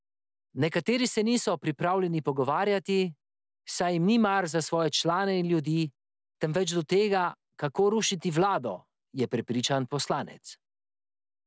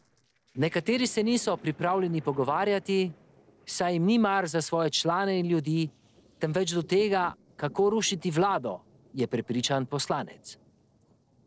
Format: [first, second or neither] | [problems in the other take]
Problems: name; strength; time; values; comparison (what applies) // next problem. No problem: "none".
first | noise reduction (neural separator model SepFormer DNS4)